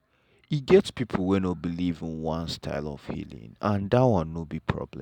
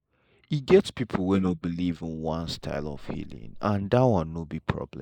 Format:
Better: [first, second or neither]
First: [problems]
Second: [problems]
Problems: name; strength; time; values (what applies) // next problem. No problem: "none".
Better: first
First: none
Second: noise reduction (neural mask model Resemble Enhance denoiser)